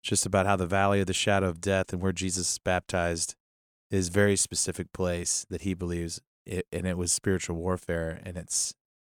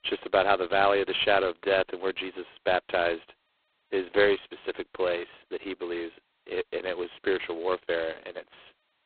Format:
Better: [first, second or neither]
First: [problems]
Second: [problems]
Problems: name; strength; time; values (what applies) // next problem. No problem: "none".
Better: first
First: none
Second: phone-call audio; poor line; nothing above 4 kHz